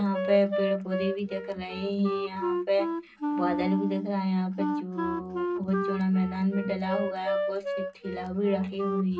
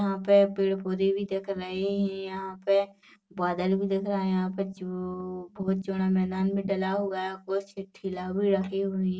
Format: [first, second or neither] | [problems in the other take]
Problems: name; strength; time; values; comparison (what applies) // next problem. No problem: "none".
second | background sound (Wind instrument, woodwind instrument); 3 dB below the speech // room echo; dies away in 0.2 s